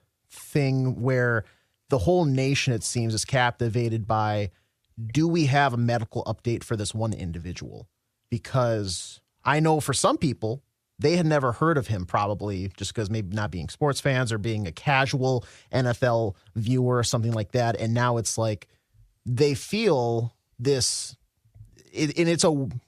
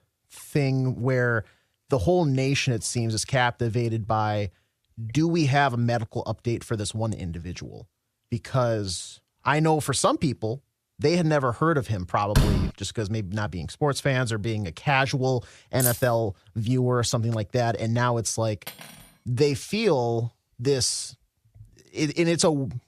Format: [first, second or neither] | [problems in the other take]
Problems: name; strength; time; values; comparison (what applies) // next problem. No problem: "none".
first | door banging; loud; at 12 s; peak 2 dB above the speech // jangling keys; noticeable; at 16 s; peak 1 dB below the speech // clattering dishes; faint; at 19 s; peak 15 dB below the speech